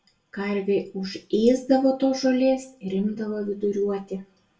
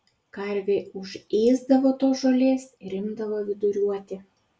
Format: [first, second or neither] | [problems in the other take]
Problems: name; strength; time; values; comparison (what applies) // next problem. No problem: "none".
second | room echo; dies away in 0.2 s